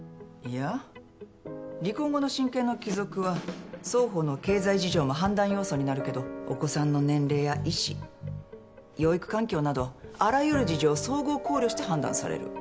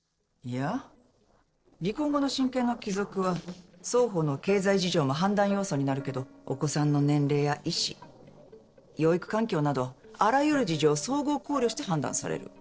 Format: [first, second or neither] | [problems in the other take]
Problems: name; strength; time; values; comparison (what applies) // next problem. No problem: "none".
first | noise reduction (neural separator model SepFormer DNS4)